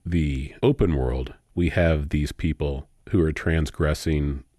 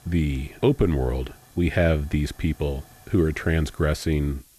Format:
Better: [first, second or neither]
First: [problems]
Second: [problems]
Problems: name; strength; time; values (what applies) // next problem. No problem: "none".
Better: first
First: none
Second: hiss; faint; throughout; 25 dB below the speech